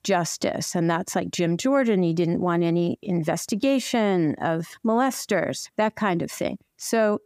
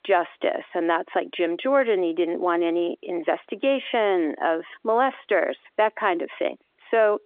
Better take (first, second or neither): first